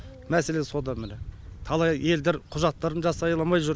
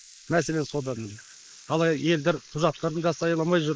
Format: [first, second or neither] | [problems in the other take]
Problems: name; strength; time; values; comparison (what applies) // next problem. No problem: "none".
first | noise reduction (neural mask model Resemble Enhance denoiser)